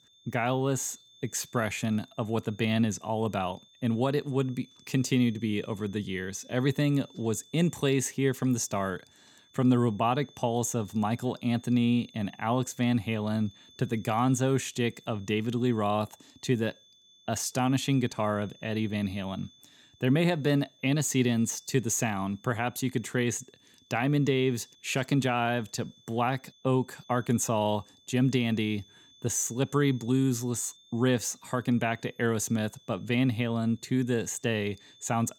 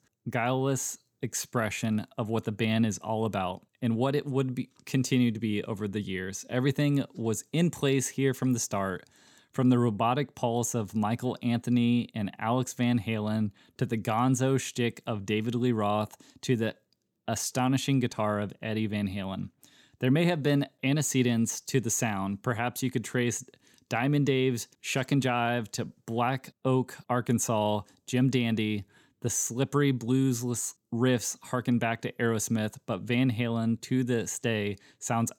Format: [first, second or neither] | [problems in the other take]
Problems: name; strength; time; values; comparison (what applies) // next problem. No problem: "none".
second | high-pitched whine; faint; throughout; 3.5 kHz, 30 dB below the speech